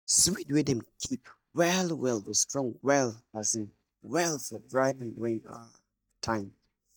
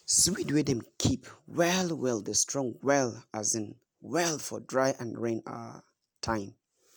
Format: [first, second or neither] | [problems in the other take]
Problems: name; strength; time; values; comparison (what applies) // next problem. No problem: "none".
second | noise reduction (neural mask model DeepFilterNet 3)